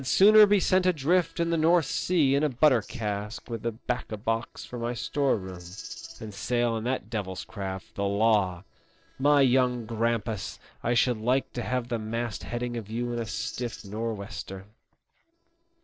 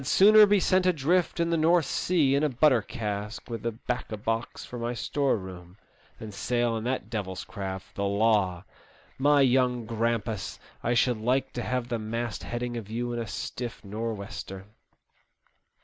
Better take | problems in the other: second | noise reduction (neural separator model SepFormer DNS4)

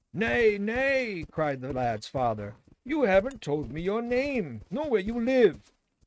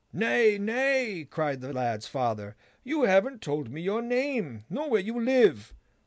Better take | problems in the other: second | noise reduction (neural mask model RNNoise)

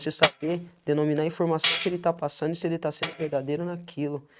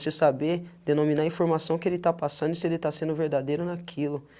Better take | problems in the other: second | noise reduction (neural mask model RNNoise)

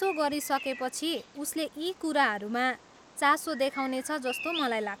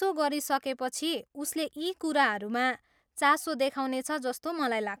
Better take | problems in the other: second | background sound (Bird vocalization, bird call, bird song); 14 dB below the speech

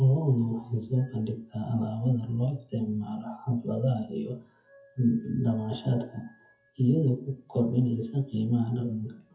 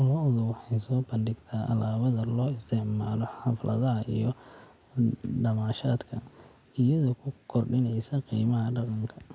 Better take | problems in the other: second | noise reduction (classical method WPE with log-MMSE)

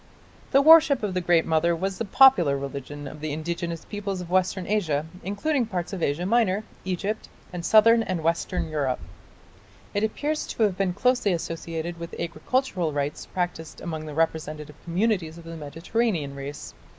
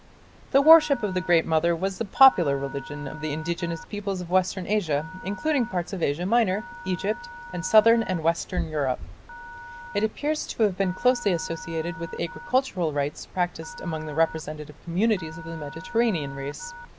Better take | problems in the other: first | background sound (Telephone); 17 dB below the speech

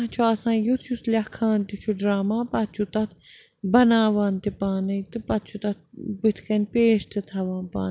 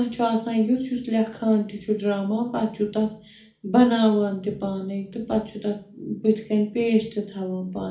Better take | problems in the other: first | room echo; dies away in 0.4 s

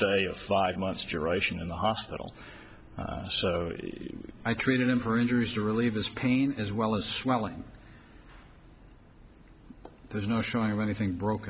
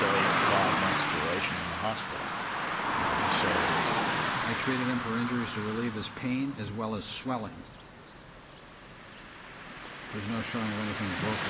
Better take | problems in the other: first | background sound (Car passing by / Traffic noise, roadway noise); 3 dB above the speech

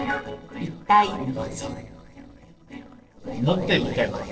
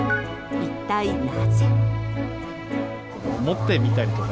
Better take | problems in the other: second | noise reduction (neural separator model SepFormer DNS4)

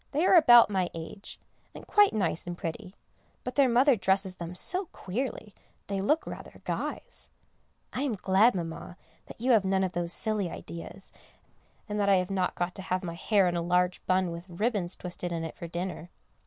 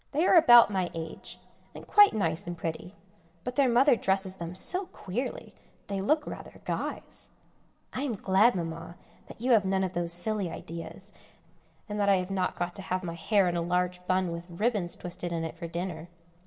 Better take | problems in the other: first | room echo; dies away in 1 s

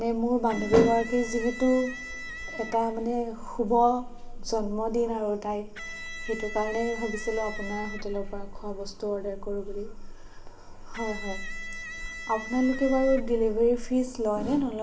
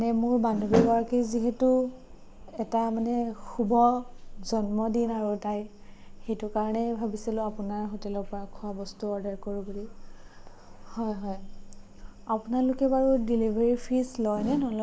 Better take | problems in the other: second | background sound (Electric guitar); 13 dB below the speech // room echo; dies away in 0.7 s

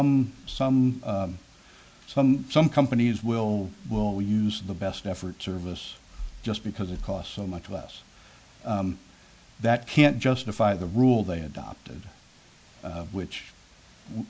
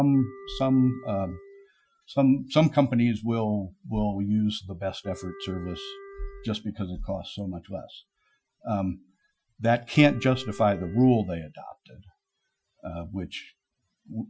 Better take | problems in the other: first | noise reduction (classical method Wiener filter)

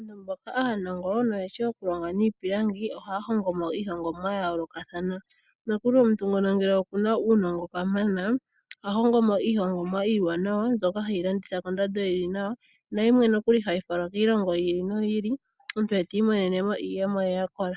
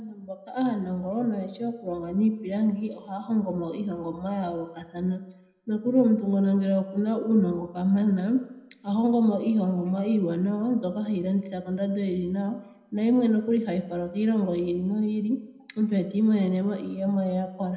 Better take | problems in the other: first | room echo; dies away in 0.7 s

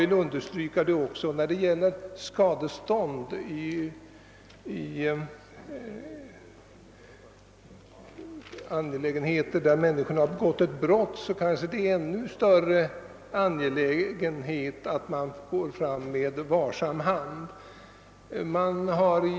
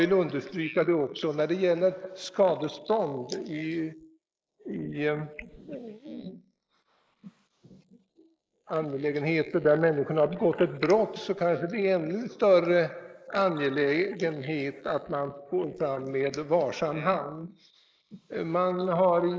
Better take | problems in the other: first | noise reduction (neural mask model Resemble Enhance denoiser)

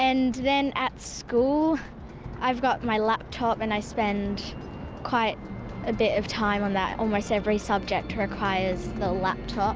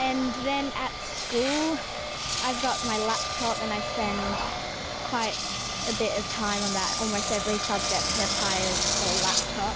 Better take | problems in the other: first | background sound (Engine); as loud as the speech

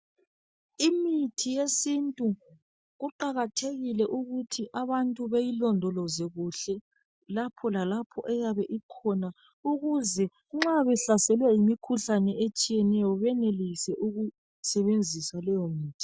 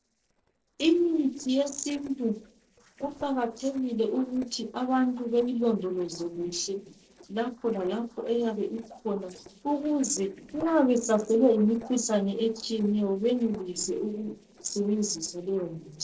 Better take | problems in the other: first | noise reduction (neural separator model SepFormer DNS4)

